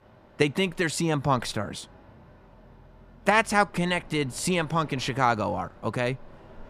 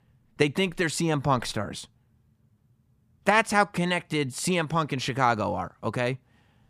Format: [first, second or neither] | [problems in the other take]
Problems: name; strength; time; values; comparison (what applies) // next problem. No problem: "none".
second | train or aircraft noise; faint; throughout; 25 dB below the speech